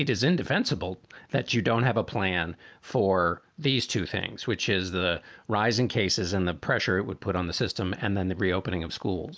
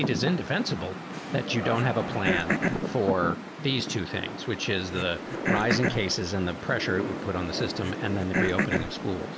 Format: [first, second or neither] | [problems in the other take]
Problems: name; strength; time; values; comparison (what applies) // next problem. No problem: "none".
first | background sound (Rain + Cough); 2 dB below the speech